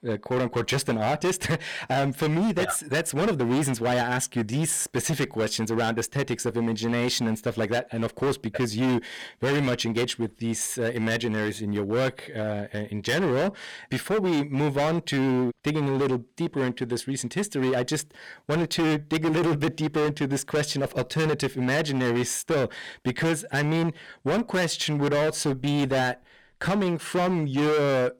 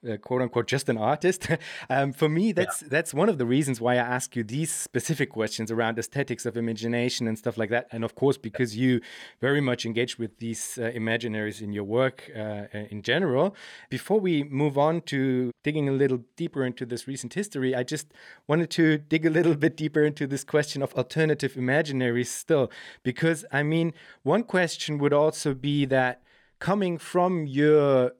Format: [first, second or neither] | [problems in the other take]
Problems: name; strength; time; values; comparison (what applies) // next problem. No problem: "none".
second | distortion; heavy; 20% of the sound clipped